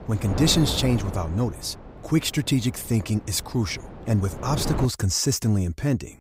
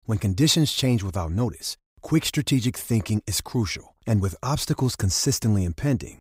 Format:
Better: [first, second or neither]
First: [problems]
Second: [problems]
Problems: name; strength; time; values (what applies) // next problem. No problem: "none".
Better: second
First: wind noise on the microphone; heavy; until 5 s; 10 dB below the speech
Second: none